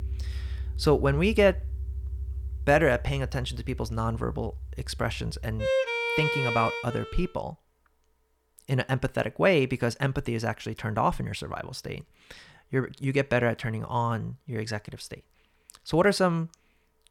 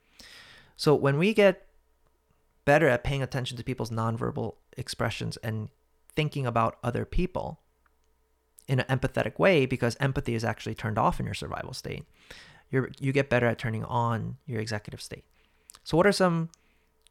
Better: second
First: background music; loud; until 7 s; 5 dB below the speech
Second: none

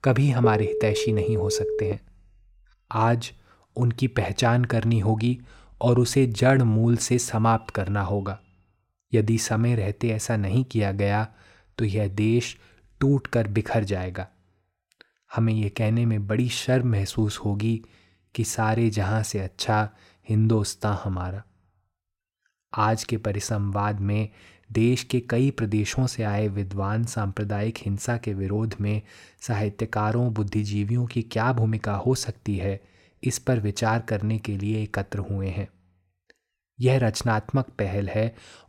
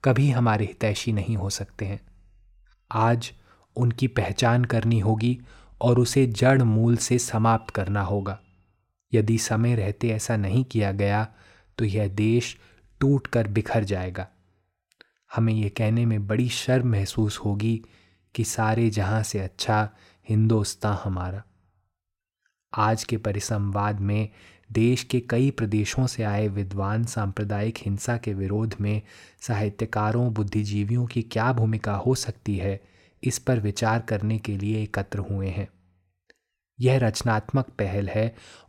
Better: second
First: phone ringing; loud; until 2 s; peak level with the speech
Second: none

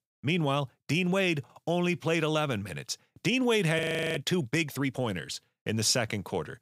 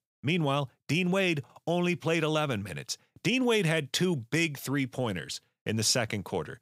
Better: second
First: audio freezing; at 4 s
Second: none

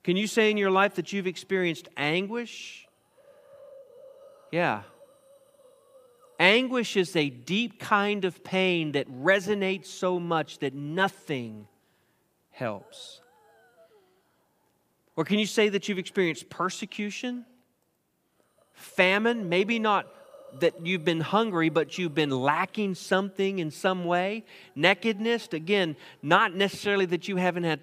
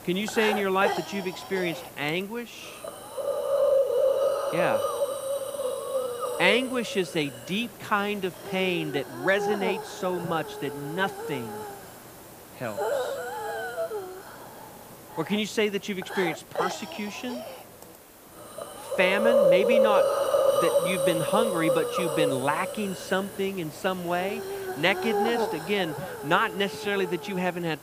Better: first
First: hiss; faint; throughout; 30 dB below the speech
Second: hiss; loud; throughout; as loud as the speech

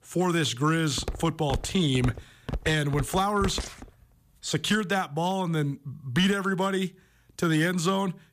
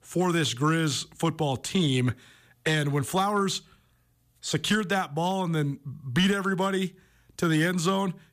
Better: second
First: footsteps; noticeable; from 1 to 4 s; peak 7 dB below the speech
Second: none

